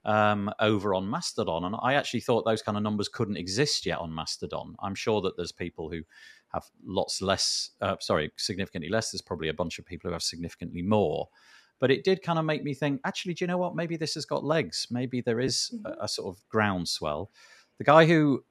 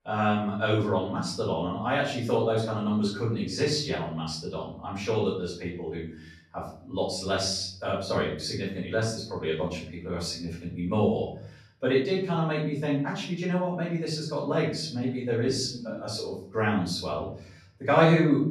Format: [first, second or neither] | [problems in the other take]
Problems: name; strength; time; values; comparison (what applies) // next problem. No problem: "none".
first | off-mic speech; far // room echo; noticeable; dies away in 0.6 s